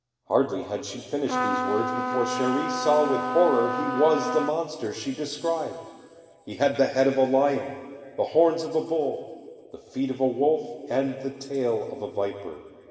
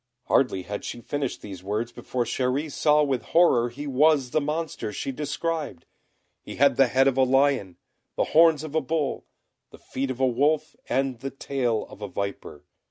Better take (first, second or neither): second